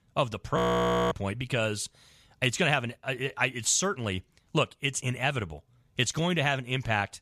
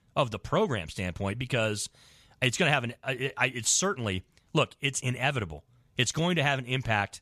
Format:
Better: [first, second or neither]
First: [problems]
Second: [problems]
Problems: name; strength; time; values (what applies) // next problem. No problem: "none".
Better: second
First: audio freezing; at 0.5 s for 0.5 s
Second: none